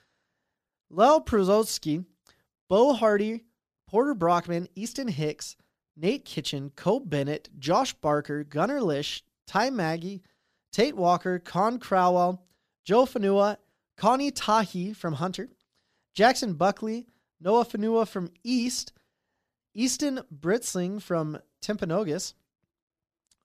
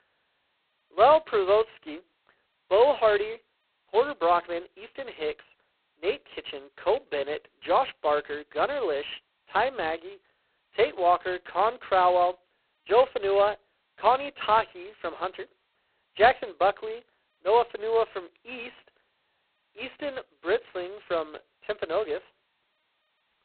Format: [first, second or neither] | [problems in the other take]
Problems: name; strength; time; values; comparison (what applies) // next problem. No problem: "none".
first | phone-call audio; poor line; nothing above 4 kHz